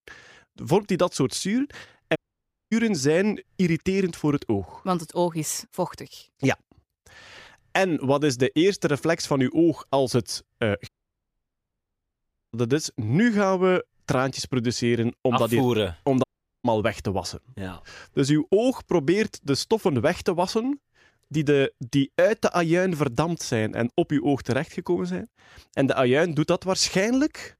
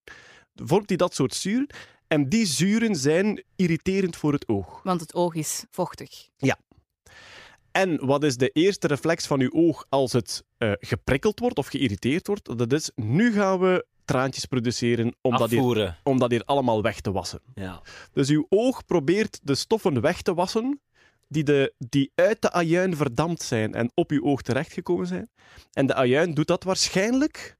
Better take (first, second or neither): second